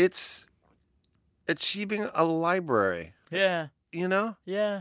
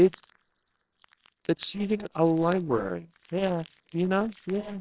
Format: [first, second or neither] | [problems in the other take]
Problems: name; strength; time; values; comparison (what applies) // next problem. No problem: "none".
first | noise reduction (neural separator model SepFormer WHAMR!)